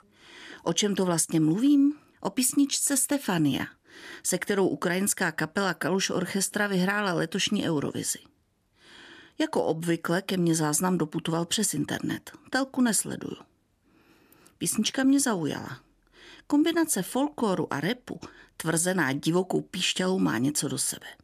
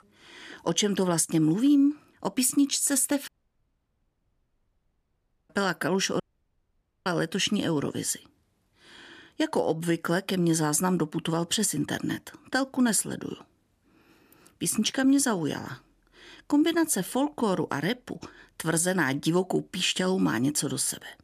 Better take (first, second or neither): first